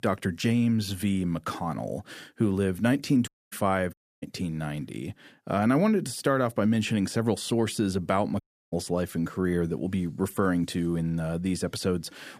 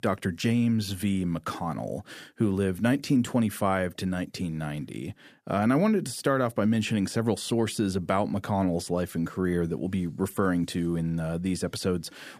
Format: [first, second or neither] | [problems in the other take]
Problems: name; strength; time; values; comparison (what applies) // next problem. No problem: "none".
second | audio cutting out; at 3.5 s, at 4 s and at 8.5 s